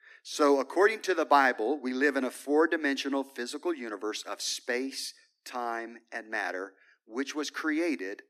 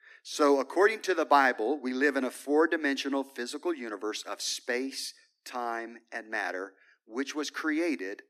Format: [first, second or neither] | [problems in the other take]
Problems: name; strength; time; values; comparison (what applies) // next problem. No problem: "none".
neither | thin; very slightly; fading below 250 Hz; the same in both